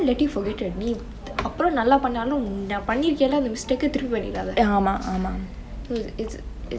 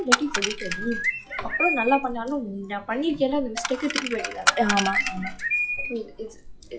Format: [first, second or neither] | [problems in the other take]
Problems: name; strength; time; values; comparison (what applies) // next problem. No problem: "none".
first | noise reduction (classical method log-MMSE)